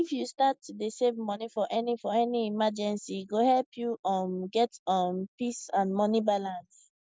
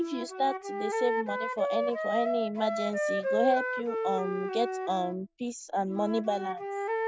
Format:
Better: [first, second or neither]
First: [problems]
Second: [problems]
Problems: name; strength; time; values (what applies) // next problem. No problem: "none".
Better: first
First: none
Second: background sound (Wind instrument, woodwind instrument); 1 dB below the speech